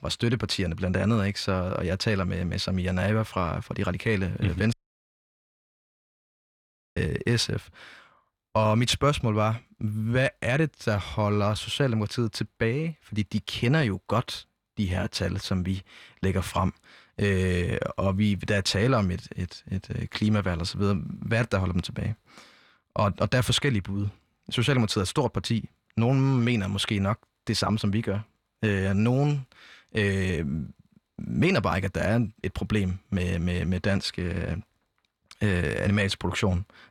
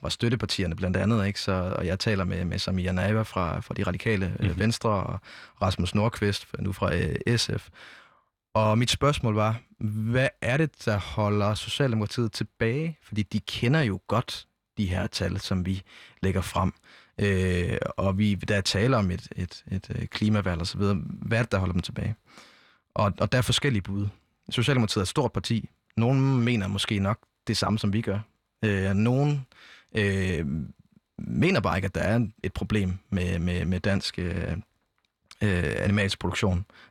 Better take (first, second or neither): second